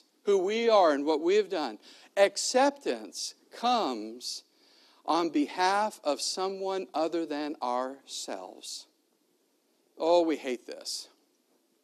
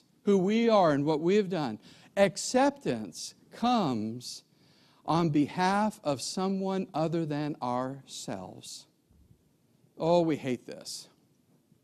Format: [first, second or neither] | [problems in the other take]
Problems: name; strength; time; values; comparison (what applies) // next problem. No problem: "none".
second | thin; somewhat; fading below 300 Hz